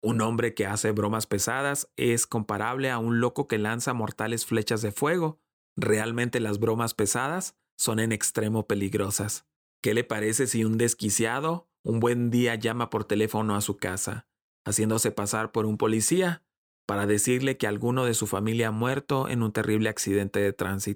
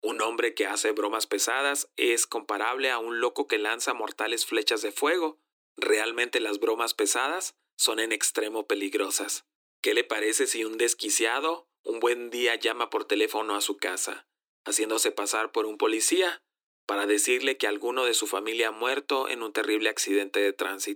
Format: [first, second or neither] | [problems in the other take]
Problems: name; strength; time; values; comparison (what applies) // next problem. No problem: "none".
first | thin; very; fading below 300 Hz